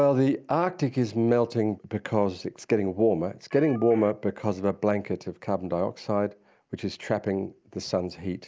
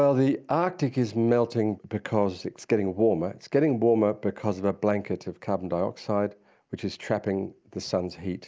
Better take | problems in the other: second | background sound (Telephone); 20 dB below the speech

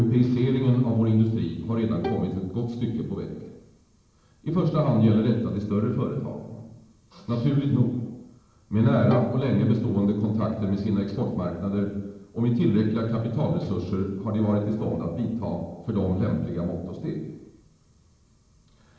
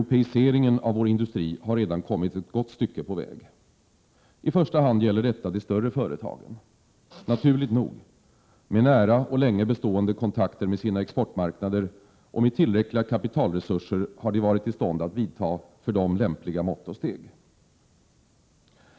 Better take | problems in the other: second | background sound (Bowed string instrument); 13 dB below the speech // room echo; dies away in 0.9 s

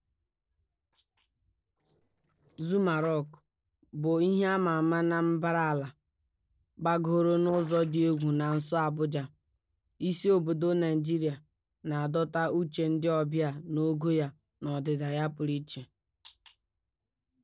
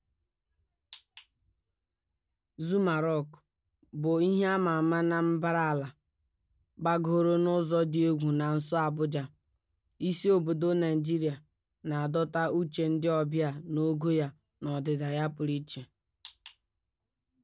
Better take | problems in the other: second | noise reduction (neural separator model SepFormer DNS4)

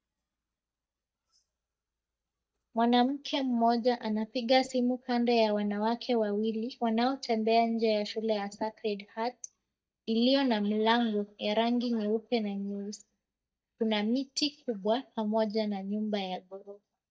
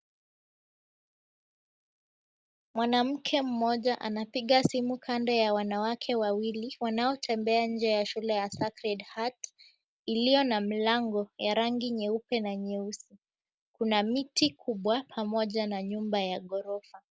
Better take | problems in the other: second | noise reduction (neural mask model DeepFilterNet 3)

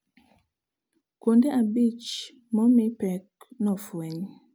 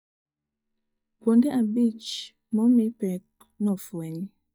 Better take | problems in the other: first | noise reduction (neural mask model DeepFilterNet 3)

